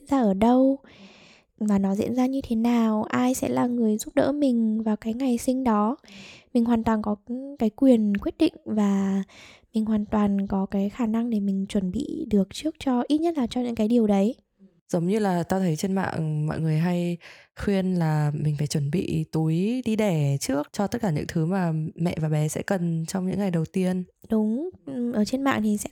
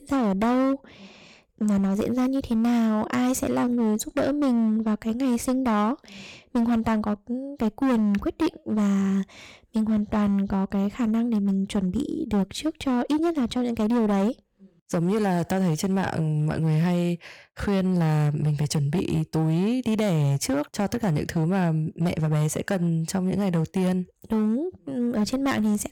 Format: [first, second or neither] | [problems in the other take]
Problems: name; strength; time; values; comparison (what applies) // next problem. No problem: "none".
first | distortion; slight; 13% of the sound clipped